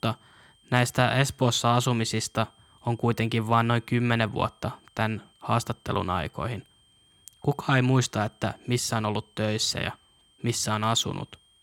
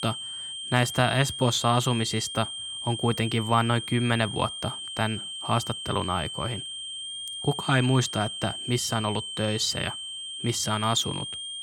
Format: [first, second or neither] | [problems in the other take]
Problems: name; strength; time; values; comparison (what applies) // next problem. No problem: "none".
first | high-pitched whine; loud; throughout; 3 kHz, 6 dB below the speech; faint in the first